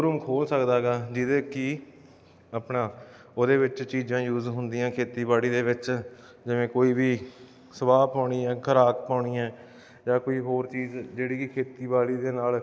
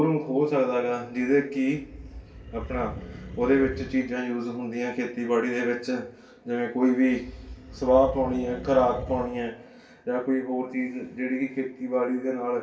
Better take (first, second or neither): first